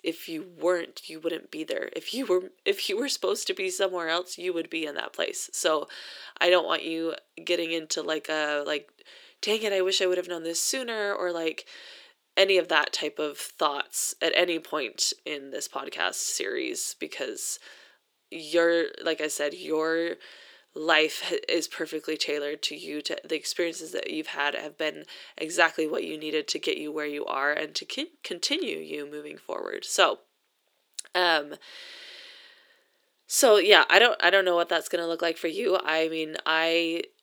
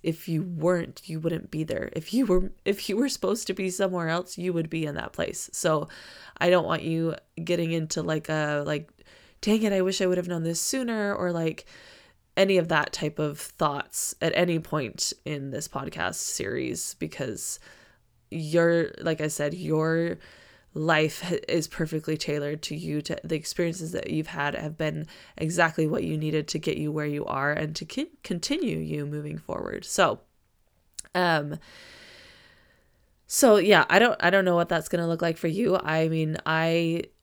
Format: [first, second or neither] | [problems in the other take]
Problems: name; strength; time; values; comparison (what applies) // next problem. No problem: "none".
second | thin; somewhat; fading below 350 Hz